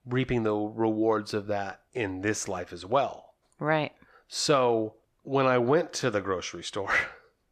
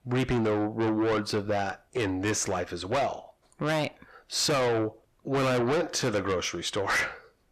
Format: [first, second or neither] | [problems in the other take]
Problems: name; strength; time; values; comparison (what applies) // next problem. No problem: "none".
first | distortion; heavy; 6 dB below the speech